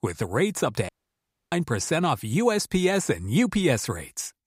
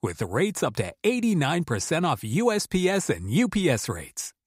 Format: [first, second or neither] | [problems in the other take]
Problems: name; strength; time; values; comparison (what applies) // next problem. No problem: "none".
second | audio cutting out; at 1 s for 0.5 s